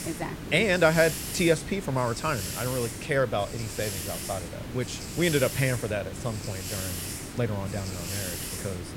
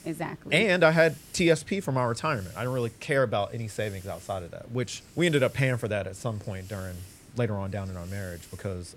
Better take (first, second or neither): second